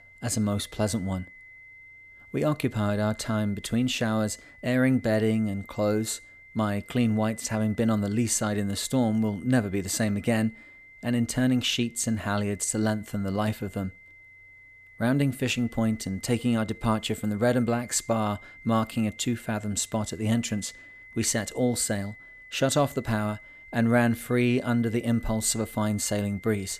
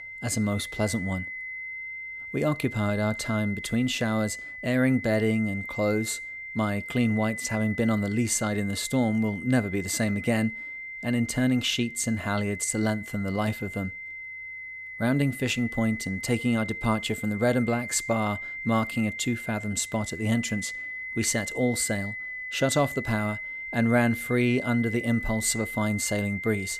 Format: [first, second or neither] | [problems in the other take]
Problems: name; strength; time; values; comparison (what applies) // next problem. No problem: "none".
first | high-pitched whine; loud; throughout; 2 kHz, 8 dB below the speech; faint in the first